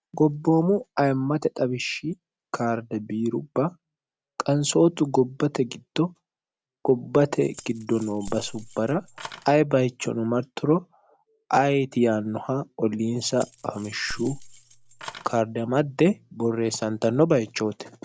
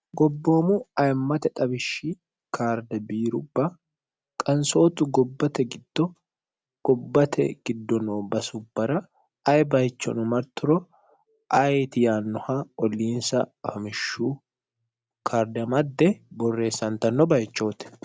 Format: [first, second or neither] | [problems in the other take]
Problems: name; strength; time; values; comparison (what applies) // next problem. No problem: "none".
second | background sound (Keys jangling); 17 dB below the speech